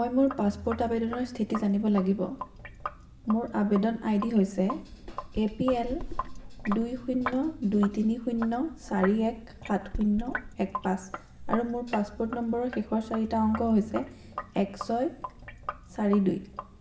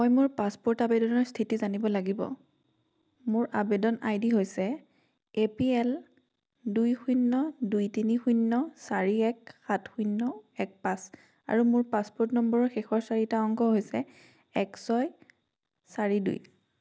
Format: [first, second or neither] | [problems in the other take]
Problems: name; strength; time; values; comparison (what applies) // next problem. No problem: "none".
second | background sound (Sink (filling or washing)); 11 dB below the speech // room echo; dies away in 1.6 s